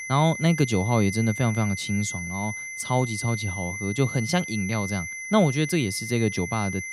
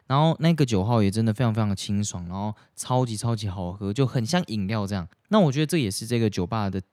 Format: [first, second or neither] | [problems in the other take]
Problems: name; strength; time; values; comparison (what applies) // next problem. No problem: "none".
second | high-pitched whine; loud; throughout; 2 kHz, 7 dB below the speech